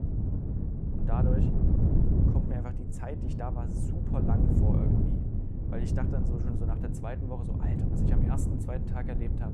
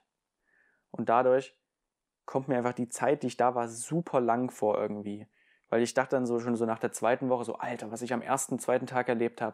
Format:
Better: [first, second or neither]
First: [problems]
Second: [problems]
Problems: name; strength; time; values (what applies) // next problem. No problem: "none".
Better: second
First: wind noise on the microphone; heavy; 3 dB above the speech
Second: none